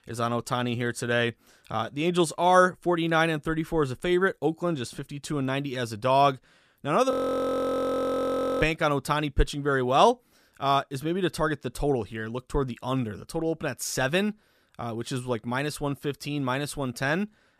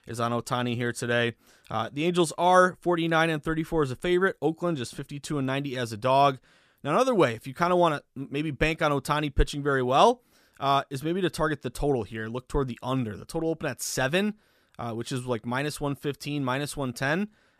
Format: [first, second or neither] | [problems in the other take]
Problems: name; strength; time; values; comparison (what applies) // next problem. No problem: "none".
second | audio freezing; at 7 s for 1.5 s